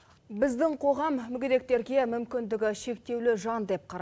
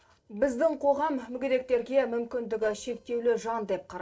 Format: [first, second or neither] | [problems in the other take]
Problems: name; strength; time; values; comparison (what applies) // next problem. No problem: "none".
first | noise reduction (neural separator model SepFormer DNS4)